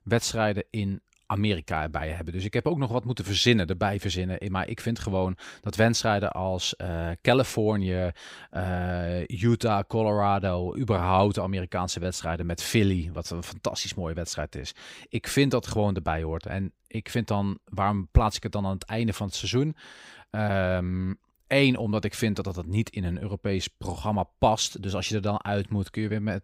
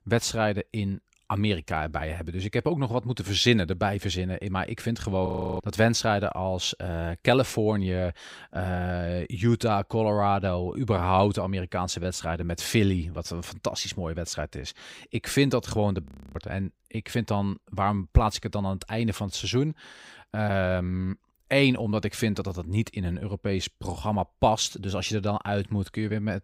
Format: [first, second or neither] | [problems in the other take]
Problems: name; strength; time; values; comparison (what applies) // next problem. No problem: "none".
first | audio freezing; at 5.5 s and at 16 s